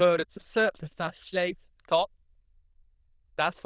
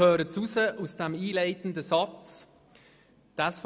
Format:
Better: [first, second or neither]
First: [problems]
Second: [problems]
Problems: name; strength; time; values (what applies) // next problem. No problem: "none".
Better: second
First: noise reduction (neural diffusion model UNIVERSE++)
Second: none